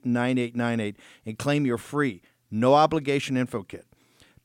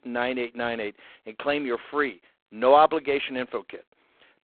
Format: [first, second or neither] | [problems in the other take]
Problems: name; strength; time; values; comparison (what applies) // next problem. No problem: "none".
first | phone-call audio; poor line